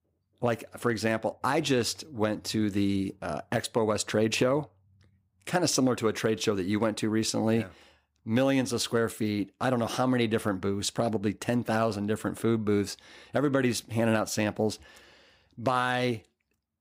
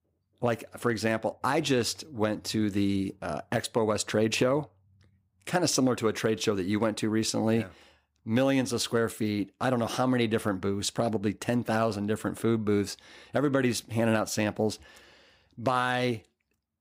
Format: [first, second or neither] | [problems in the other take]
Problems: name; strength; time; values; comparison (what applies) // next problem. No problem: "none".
neither | none